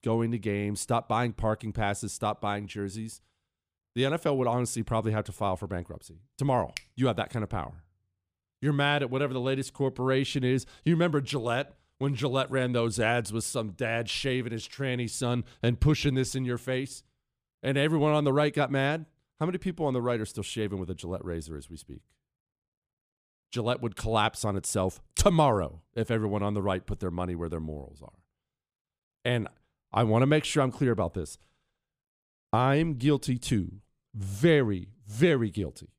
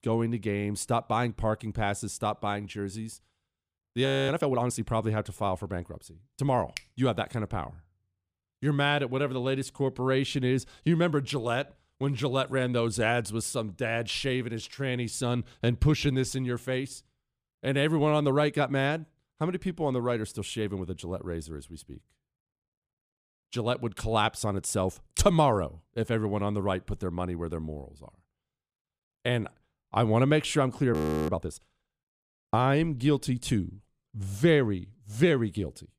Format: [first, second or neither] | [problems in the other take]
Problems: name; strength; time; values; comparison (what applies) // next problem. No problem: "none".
first | audio freezing; at 4 s and at 31 s